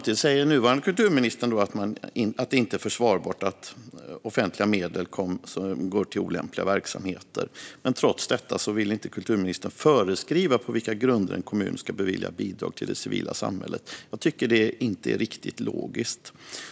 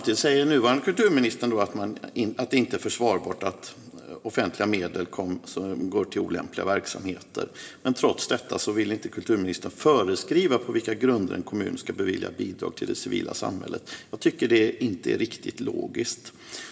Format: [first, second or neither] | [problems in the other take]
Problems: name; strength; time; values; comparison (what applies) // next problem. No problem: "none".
first | room echo; dies away in 2.8 s